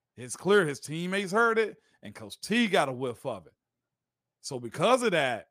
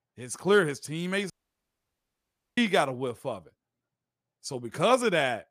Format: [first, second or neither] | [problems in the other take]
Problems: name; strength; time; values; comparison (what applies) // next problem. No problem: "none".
first | audio cutting out; at 1.5 s for 1.5 s